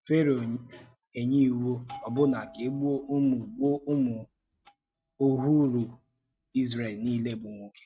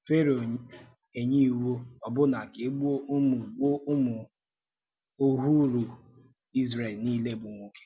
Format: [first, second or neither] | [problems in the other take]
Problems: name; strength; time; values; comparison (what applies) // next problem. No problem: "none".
second | noise reduction (neural mask model RNNoise)